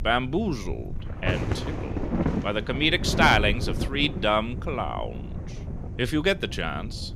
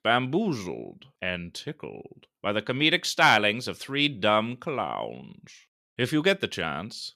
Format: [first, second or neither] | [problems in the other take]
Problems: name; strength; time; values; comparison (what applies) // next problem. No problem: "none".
second | wind noise on the microphone; occasional gusts; 10 dB below the speech